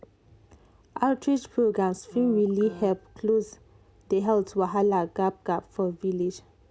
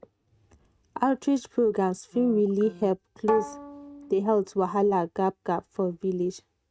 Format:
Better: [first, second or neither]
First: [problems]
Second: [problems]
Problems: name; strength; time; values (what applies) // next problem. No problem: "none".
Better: first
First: none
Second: noise reduction (neural mask model RNNoise)